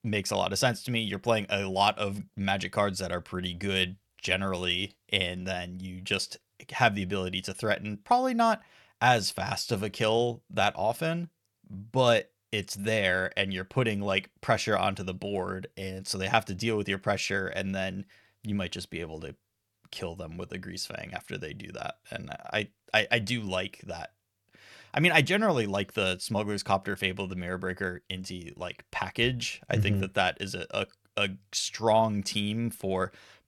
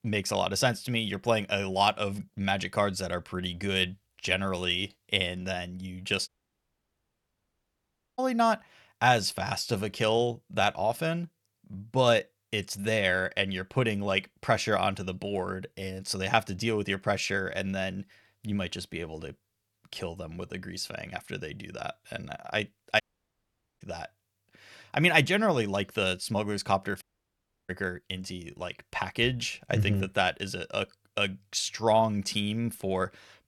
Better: first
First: none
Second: audio cutting out; at 6.5 s for 2 s, at 23 s for 1 s and at 27 s for 0.5 s

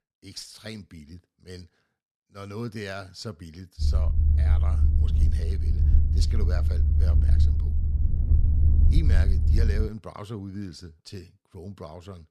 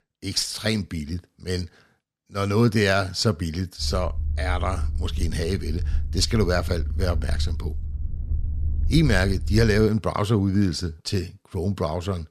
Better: second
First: low rumble; loud; from 4 to 10 s; 1 dB below the speech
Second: low rumble; faint; from 4 to 10 s; 20 dB below the speech

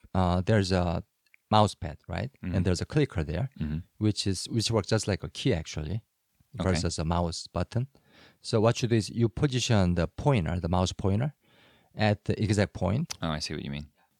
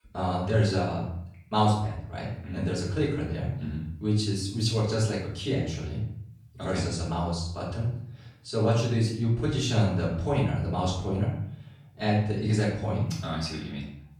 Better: first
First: none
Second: off-mic speech; far // room echo; noticeable; dies away in 0.6 s

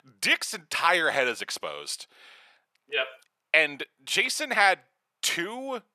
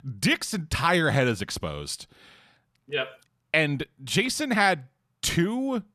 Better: second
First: thin; very; fading below 600 Hz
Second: none

